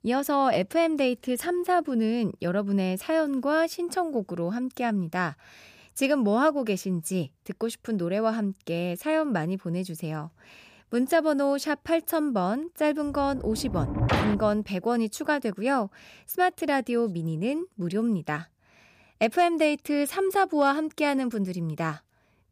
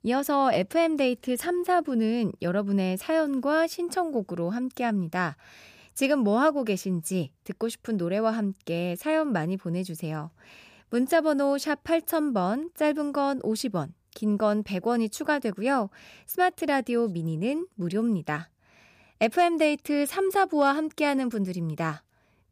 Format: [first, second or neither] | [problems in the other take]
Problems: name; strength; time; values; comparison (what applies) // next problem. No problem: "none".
second | door banging; loud; from 13 to 14 s; peak 2 dB above the speech